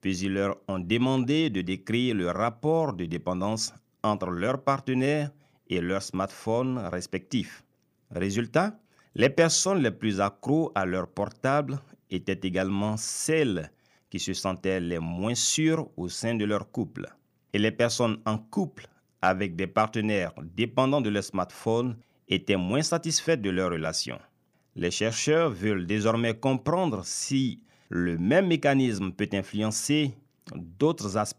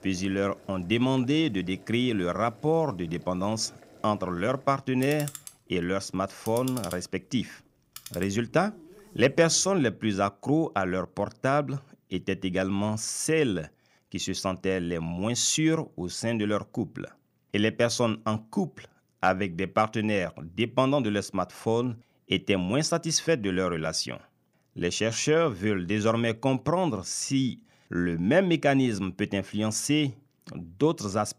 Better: first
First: none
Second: household noises; noticeable; until 10 s; 20 dB below the speech

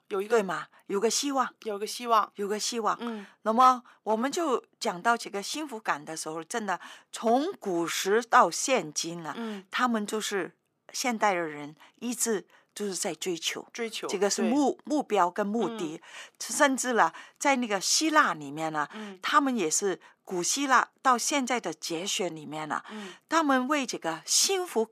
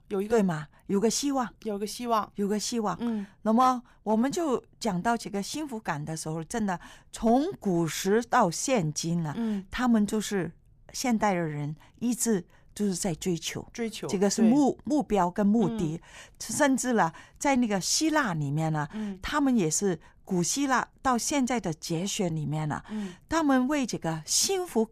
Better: second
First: thin; somewhat; fading below 300 Hz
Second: none

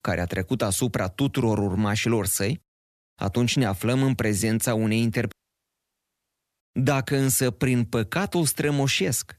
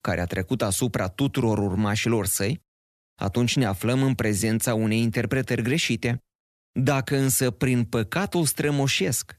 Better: second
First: audio cutting out; at 5.5 s for 1.5 s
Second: none

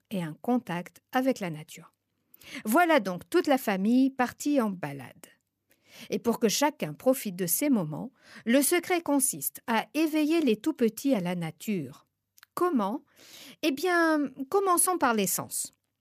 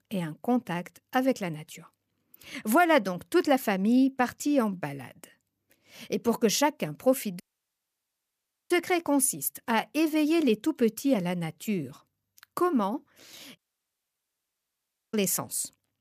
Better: first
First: none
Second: audio cutting out; at 7.5 s for 1.5 s and at 14 s for 1.5 s

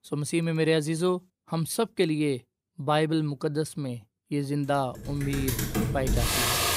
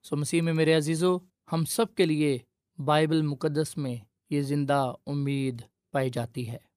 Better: second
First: household noises; very loud; from 5.5 s on; 1 dB above the speech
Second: none

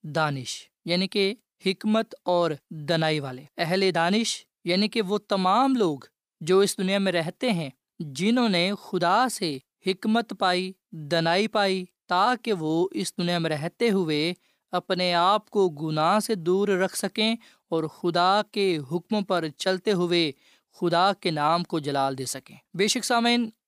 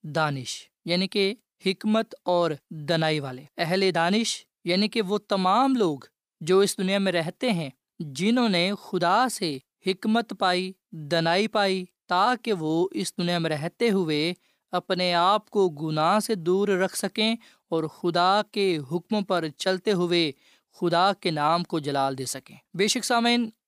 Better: neither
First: none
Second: none

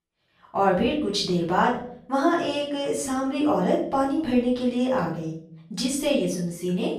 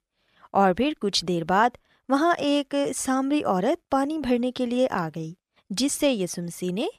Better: second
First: off-mic speech; far // room echo; noticeable; dies away in 0.6 s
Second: none

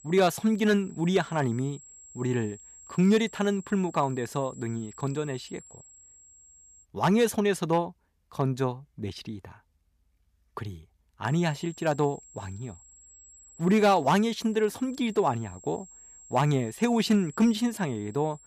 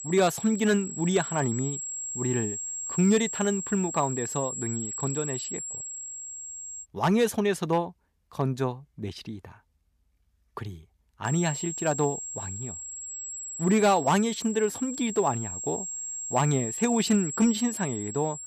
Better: first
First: high-pitched whine; faint; until 7 s and from 11 s on; 7.5 kHz, 20 dB below the speech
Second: high-pitched whine; loud; until 7 s and from 11 s on; 7.5 kHz, 6 dB below the speech

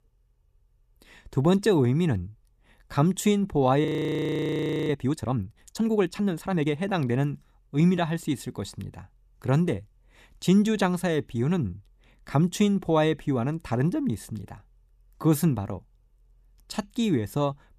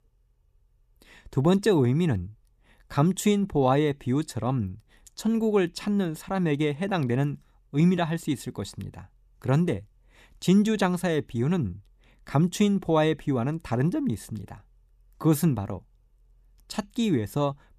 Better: second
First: audio freezing; at 4 s for 1 s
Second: none

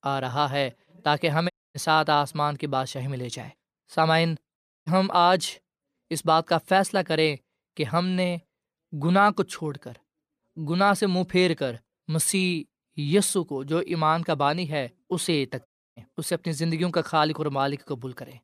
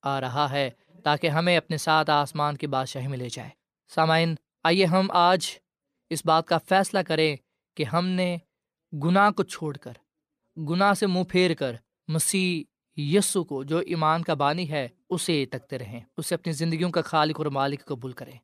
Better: second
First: audio cutting out; at 1.5 s, at 4.5 s and at 16 s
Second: none

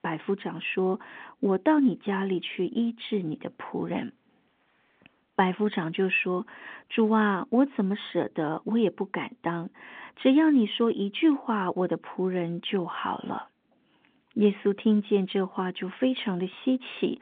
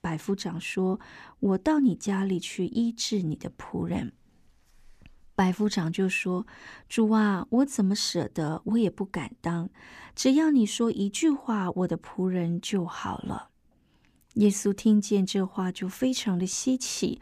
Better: second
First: phone-call audio; nothing above 3 kHz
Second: none

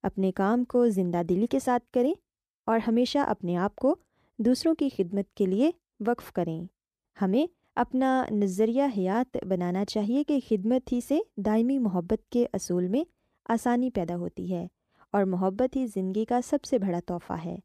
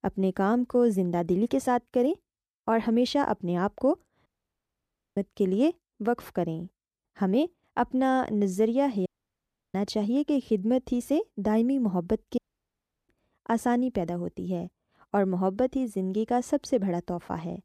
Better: first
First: none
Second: audio cutting out; at 4.5 s for 1 s, at 9 s for 0.5 s and at 12 s for 0.5 s

